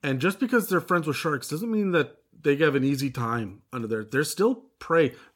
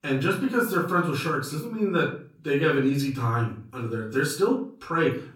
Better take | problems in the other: first | room echo; slight; dies away in 0.4 s // off-mic speech; far

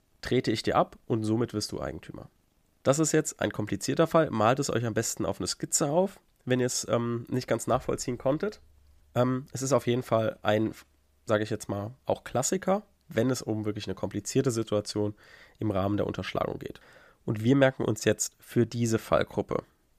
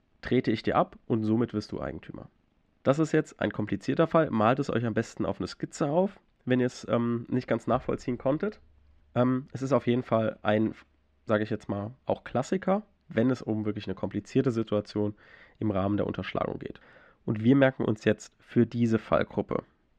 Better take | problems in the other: first | muffled; slightly; fading above 2.5 kHz

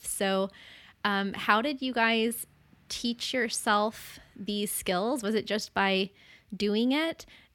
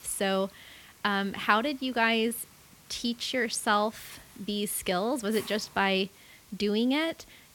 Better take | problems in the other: first | hiss; faint; throughout; 25 dB below the speech

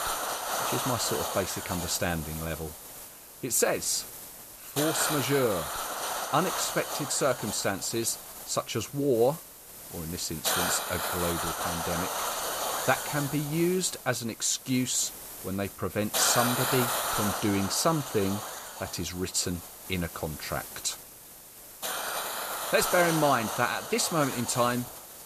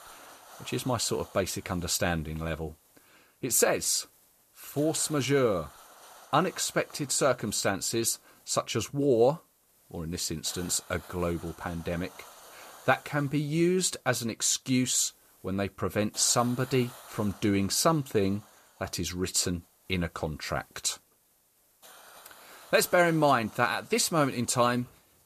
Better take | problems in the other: second | hiss; loud; throughout; 3 dB below the speech; faint in the second

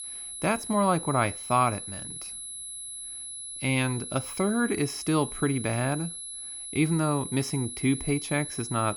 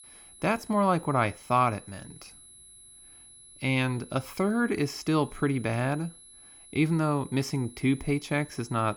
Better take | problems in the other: second | high-pitched whine; loud; throughout; 11 kHz, 8 dB below the speech; faint in the second

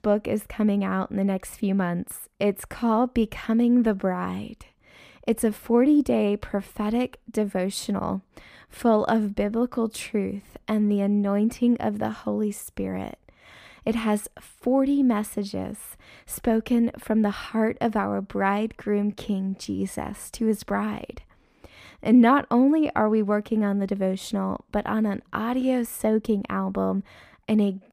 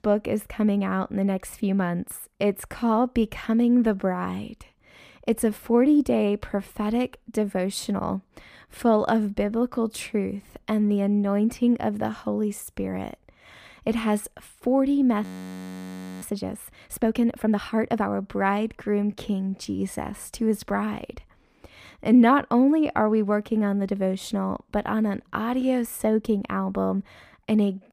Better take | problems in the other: first | audio freezing; at 15 s for 1 s

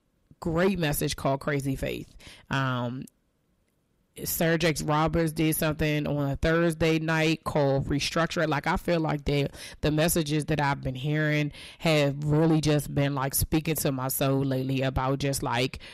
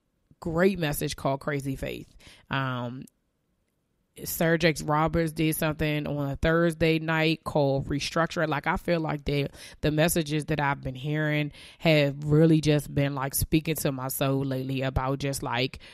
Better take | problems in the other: second | distortion; slight; 10 dB below the speech

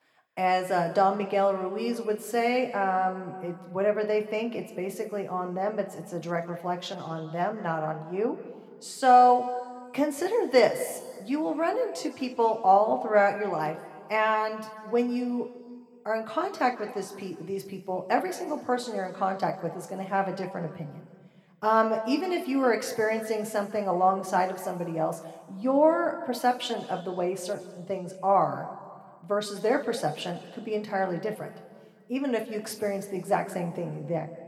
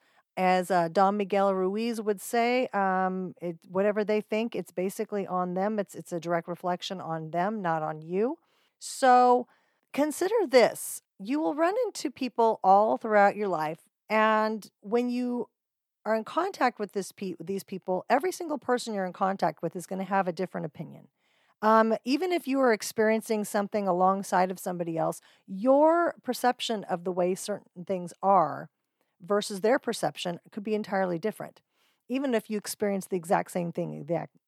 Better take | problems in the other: second | room echo; slight; dies away in 1.6 s

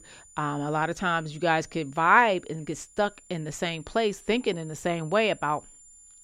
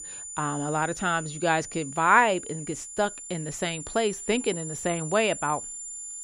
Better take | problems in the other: first | high-pitched whine; loud; throughout; 7 kHz, 9 dB below the speech; faint in the first

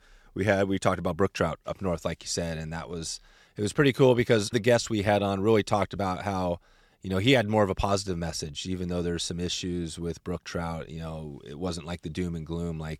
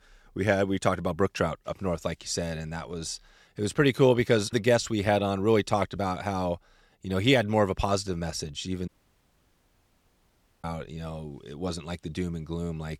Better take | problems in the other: first | audio cutting out; at 9 s for 2 s

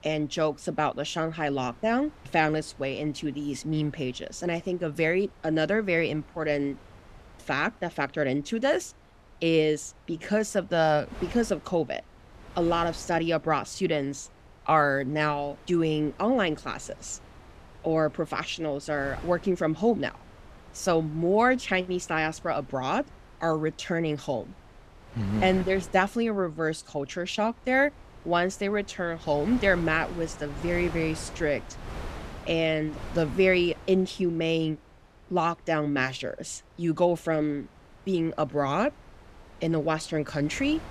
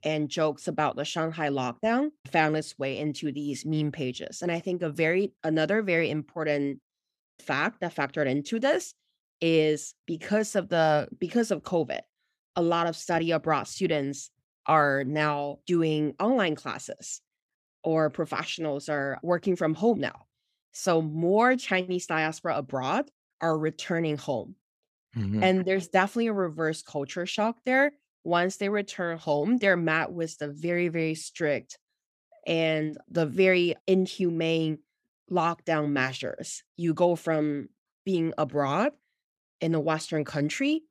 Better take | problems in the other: second | wind noise on the microphone; occasional gusts; 20 dB below the speech

